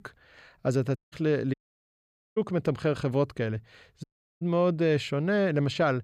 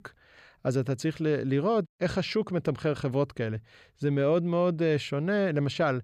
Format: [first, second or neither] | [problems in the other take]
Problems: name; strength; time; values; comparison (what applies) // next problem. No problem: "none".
second | audio cutting out; at 1 s, at 1.5 s for 1 s and at 4 s